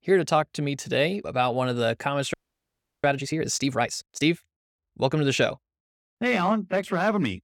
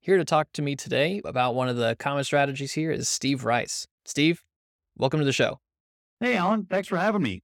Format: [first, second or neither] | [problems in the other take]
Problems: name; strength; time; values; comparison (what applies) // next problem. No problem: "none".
second | audio freezing; at 2.5 s for 0.5 s